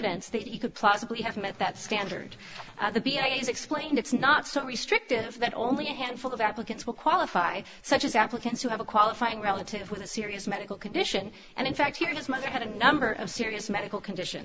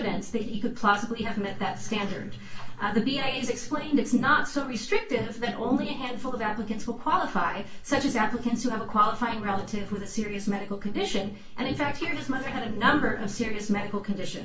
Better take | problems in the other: first | room echo; dies away in 0.3 s

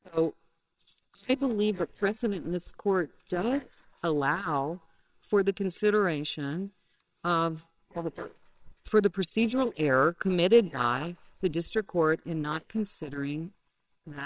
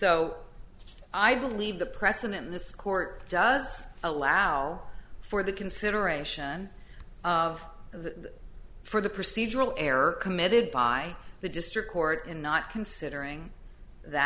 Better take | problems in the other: second | noise reduction (neural separator model SepFormer WHAMR!)

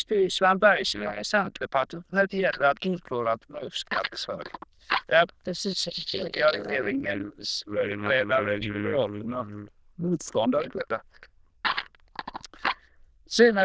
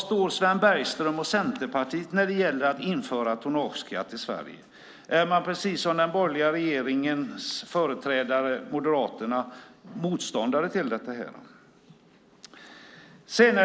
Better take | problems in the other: second | noise reduction (neural diffusion model UNIVERSE++)

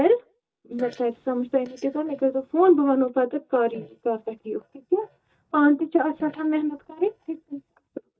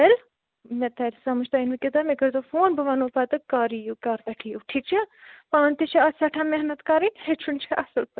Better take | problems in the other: second | noise reduction (neural mask model DeepFilterNet 3)

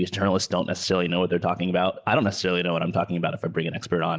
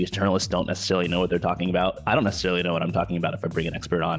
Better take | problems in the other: first | background sound (Bass guitar); 16 dB below the speech

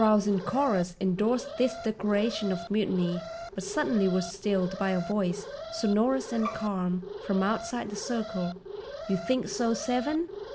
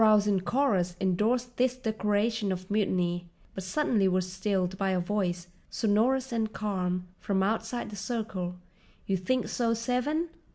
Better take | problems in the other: second | background sound (Bowed string instrument + Alarm); 11 dB below the speech

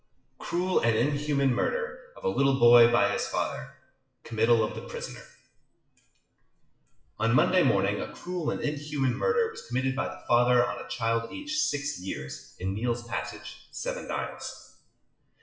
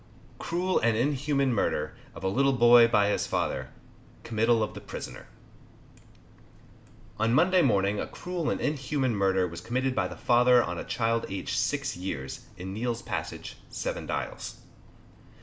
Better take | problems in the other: second | noise reduction (classical method WPE with log-MMSE)

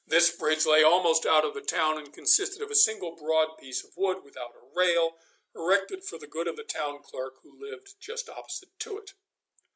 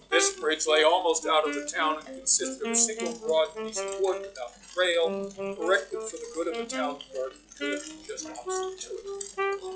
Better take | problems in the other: first | noise reduction (classical method log-MMSE)

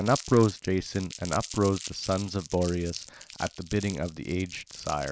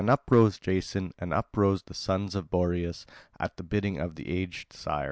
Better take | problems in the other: second | background sound (Crumpling, crinkling); 14 dB below the speech

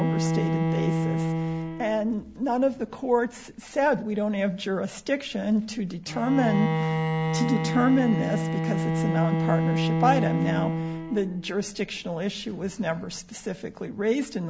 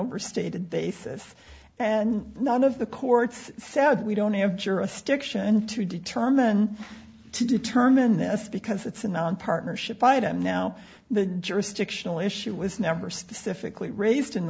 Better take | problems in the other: second | background sound (Bowed string instrument); 2 dB below the speech

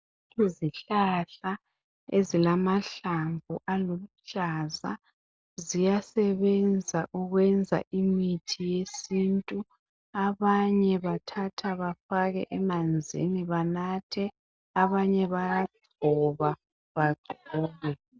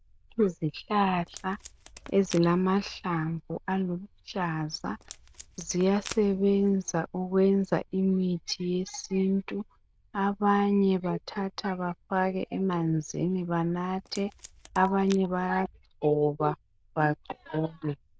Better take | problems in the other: first | noise reduction (neural diffusion model UNIVERSE++)

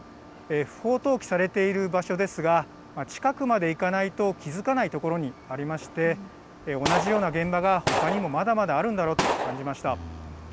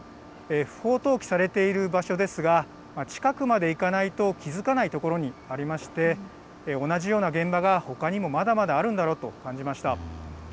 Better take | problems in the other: second | background sound (Gunshot, gunfire); 4 dB below the speech

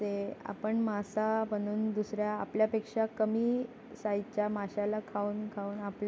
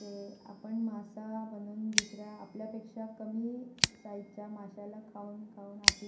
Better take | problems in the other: first | background sound (Scissors); 4 dB above the speech // room echo; dies away in 0.6 s

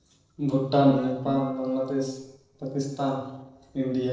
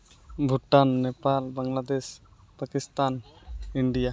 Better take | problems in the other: second | noise reduction (neural separator model SepFormer DNS4)

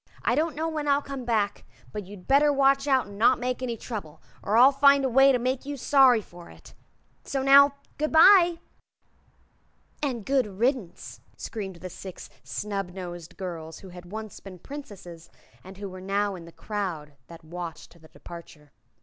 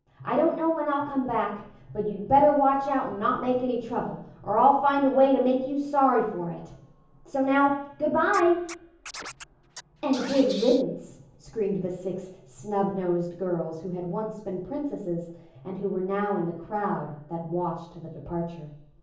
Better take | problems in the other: first | background sound (Scratching (performance technique)); 16 dB below the speech // room echo; dies away in 0.7 s

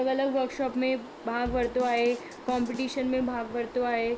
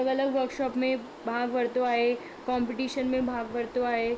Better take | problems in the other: second | background sound (Drum kit); 15 dB below the speech

